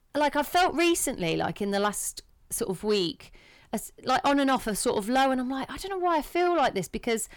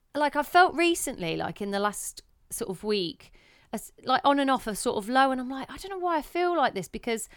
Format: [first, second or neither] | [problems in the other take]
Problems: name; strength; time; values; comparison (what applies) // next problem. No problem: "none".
second | distortion; heavy; 8 dB below the speech